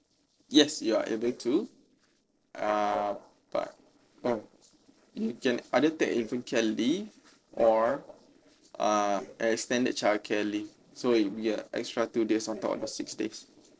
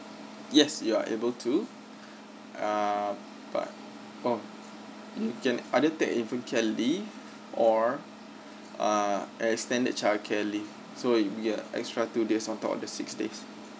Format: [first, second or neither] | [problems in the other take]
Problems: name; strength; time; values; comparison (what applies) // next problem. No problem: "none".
second | noise reduction (neural separator model SepFormer DNS4)